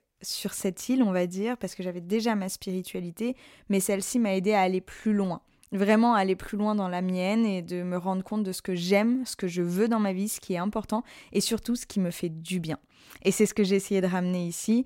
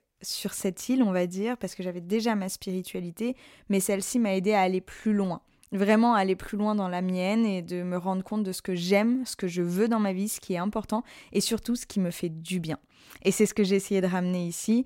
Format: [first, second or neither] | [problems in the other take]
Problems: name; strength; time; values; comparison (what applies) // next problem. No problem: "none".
neither | none